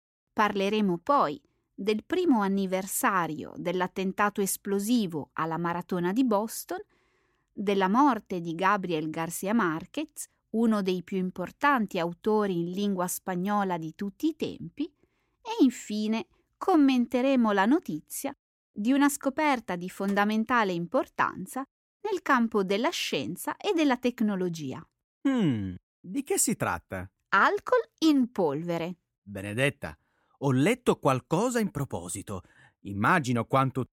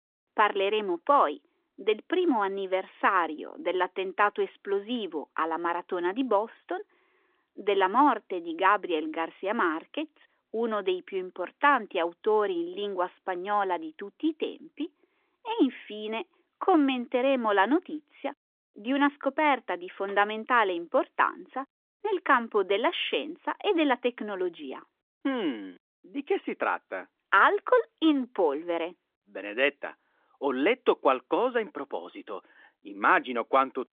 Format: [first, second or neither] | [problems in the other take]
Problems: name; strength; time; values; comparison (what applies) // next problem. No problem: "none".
first | phone-call audio; nothing above 3.5 kHz